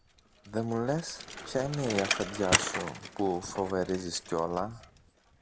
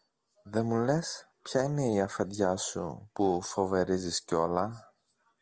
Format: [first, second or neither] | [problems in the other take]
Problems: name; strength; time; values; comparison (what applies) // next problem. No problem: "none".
second | background sound (Bicycle); 4 dB below the speech